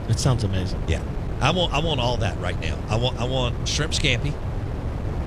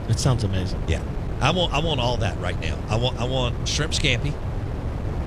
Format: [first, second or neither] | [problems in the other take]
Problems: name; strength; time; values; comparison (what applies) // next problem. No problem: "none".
neither | wind noise on the microphone; occasional gusts; 10 dB below the speech; the same in both